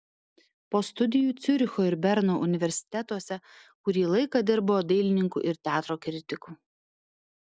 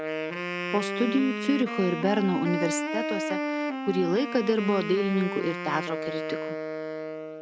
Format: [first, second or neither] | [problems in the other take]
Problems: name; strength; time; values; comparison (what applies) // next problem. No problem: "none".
first | background sound (Wind instrument, woodwind instrument); 3 dB below the speech